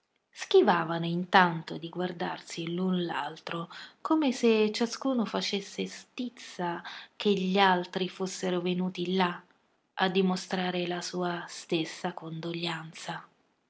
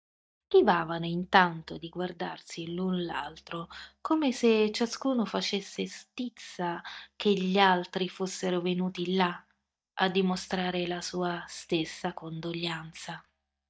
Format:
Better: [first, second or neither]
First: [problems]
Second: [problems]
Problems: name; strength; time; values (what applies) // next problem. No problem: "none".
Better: first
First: none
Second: noise reduction (neural mask model DeepFilterNet 3)